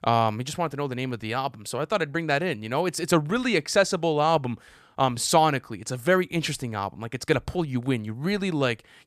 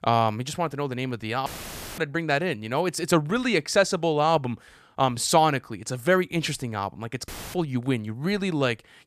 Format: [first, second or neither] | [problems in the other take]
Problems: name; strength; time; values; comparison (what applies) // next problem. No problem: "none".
first | audio cutting out; filled with static; at 1.5 s for 0.5 s and at 7.5 s